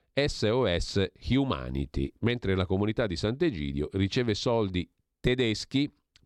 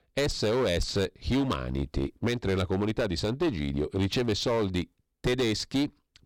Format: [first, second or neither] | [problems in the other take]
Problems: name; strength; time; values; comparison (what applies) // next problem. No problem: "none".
first | distortion; heavy; 14% of the sound clipped